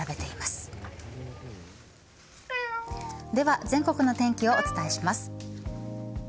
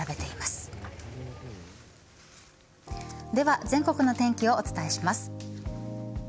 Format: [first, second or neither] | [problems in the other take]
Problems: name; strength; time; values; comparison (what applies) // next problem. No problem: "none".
second | background sound (Cat); 7 dB below the speech